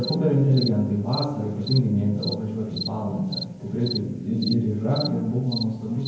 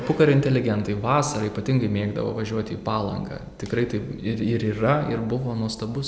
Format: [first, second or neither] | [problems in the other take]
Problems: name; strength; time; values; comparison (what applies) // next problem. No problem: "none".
second | background sound (Cricket); 13 dB below the speech // room echo; dies away in 0.9 s